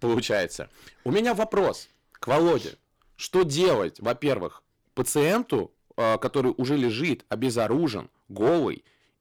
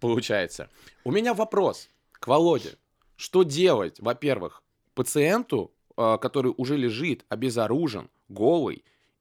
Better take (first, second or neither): second